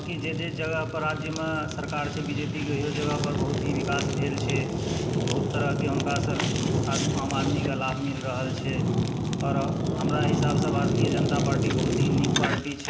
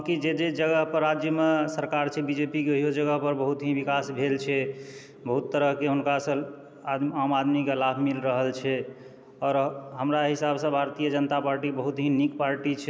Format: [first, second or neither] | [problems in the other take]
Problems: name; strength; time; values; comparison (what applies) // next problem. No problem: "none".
second | background sound (Fire); 5 dB above the speech // room echo; dies away in 0.9 s